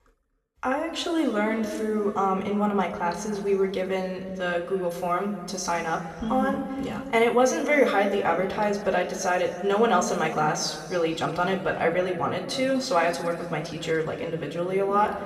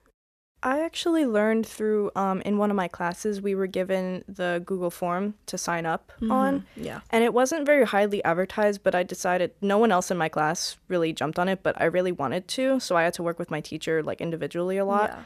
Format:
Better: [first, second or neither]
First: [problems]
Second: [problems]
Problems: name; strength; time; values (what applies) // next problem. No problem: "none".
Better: second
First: room echo; noticeable; dies away in 2 s // off-mic speech; somewhat distant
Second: none